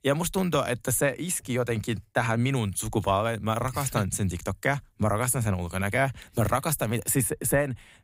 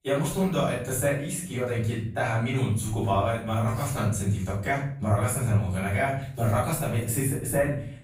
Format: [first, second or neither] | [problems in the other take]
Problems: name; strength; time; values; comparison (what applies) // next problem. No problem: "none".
first | off-mic speech; far // room echo; noticeable; dies away in 0.5 s